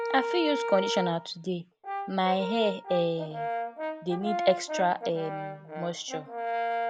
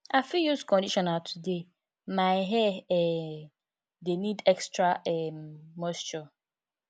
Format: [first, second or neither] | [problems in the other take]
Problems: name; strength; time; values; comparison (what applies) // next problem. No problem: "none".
second | background sound (Brass instrument); 4 dB below the speech